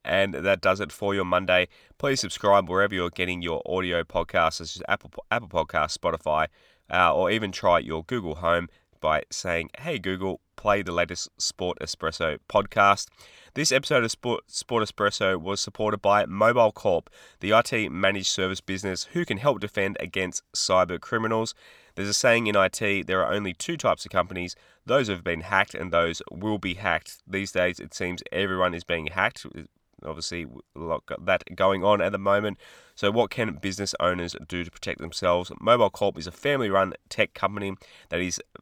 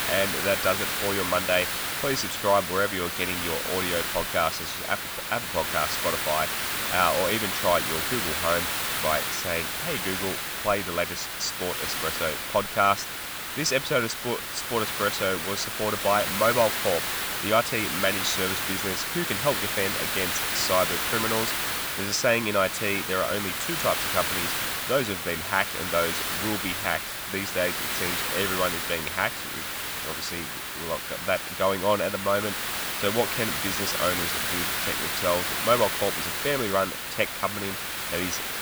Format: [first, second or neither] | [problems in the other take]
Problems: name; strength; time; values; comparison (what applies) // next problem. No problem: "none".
first | hiss; loud; throughout; as loud as the speech